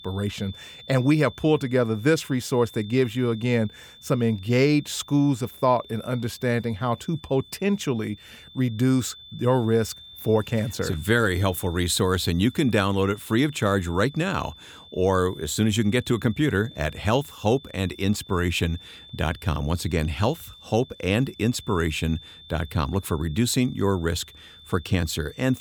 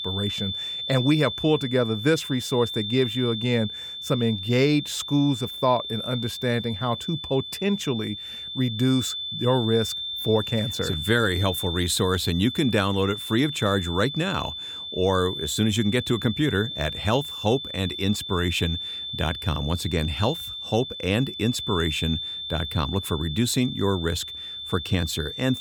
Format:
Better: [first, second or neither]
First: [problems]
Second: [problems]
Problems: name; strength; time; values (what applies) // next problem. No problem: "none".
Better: first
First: high-pitched whine; faint; throughout; 3.5 kHz, 20 dB below the speech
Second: high-pitched whine; loud; throughout; 3.5 kHz, 6 dB below the speech